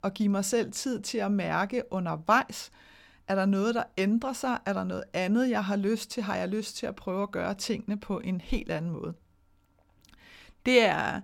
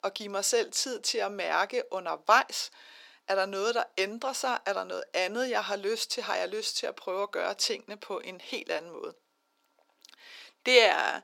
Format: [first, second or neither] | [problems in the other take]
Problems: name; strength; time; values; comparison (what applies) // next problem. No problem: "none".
first | thin; very; fading below 350 Hz